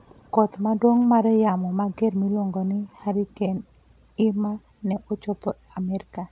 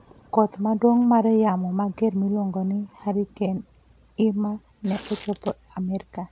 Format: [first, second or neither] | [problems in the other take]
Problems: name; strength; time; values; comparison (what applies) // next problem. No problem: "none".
first | background sound (Tearing); 20 dB below the speech